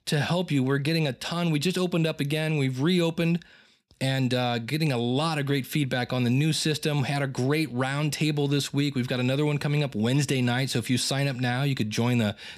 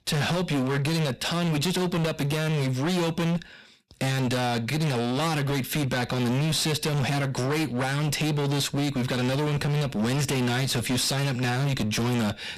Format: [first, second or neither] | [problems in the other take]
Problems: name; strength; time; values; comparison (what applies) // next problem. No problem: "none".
first | distortion; heavy; 36% of the sound clipped